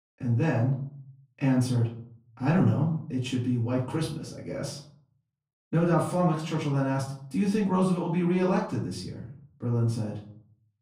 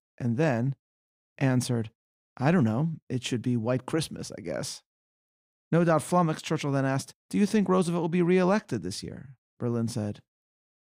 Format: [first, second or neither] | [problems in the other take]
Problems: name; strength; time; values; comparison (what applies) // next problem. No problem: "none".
second | off-mic speech; far // room echo; slight; dies away in 0.5 s